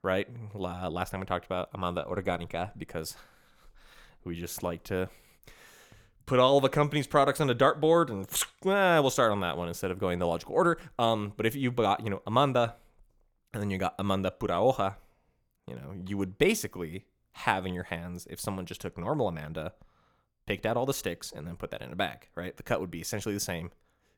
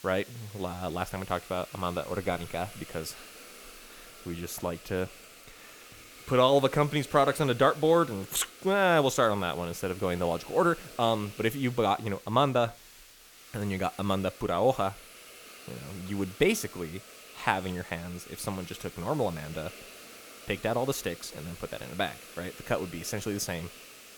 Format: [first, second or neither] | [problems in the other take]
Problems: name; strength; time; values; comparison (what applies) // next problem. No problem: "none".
first | hiss; noticeable; throughout; 15 dB below the speech